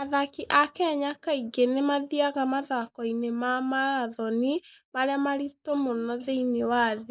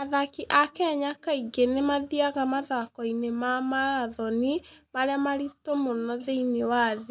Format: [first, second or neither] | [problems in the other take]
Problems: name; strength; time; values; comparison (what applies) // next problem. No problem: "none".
second | noise reduction (neural mask model Resemble Enhance denoiser)